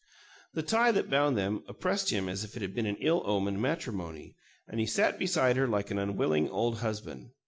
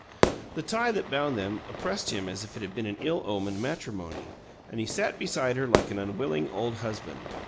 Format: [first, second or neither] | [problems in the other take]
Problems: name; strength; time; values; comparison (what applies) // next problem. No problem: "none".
first | background sound (Fire / Fireworks); 4 dB below the speech